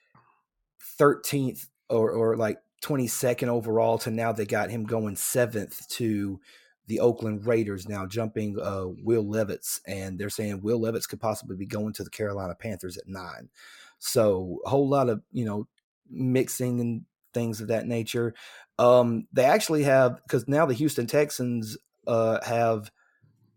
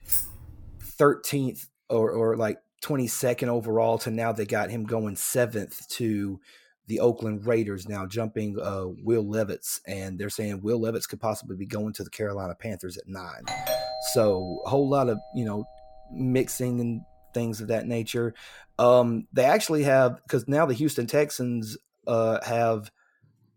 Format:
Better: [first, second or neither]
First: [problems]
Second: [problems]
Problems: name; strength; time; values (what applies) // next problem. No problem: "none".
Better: first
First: none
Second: jangling keys; loud; at the start; peak 2 dB above the speech // doorbell; noticeable; from 13 to 16 s; peak 2 dB below the speech